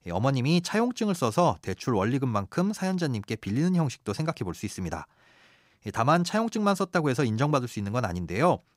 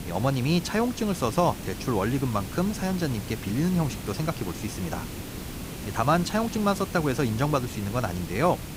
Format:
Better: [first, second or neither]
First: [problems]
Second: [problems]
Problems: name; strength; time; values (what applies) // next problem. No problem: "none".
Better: first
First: none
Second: hiss; loud; throughout; 9 dB below the speech